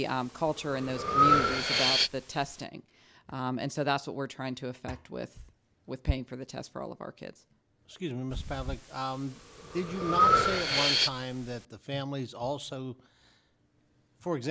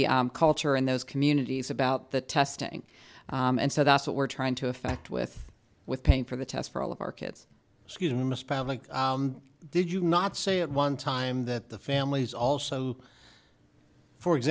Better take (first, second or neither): second